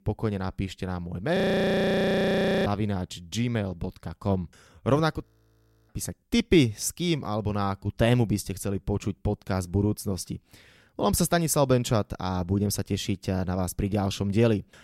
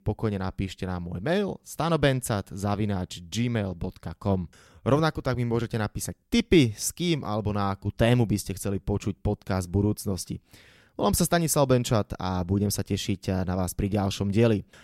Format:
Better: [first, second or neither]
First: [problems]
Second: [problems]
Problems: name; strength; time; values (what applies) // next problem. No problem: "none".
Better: second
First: audio freezing; at 1.5 s for 1.5 s and at 5.5 s for 0.5 s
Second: none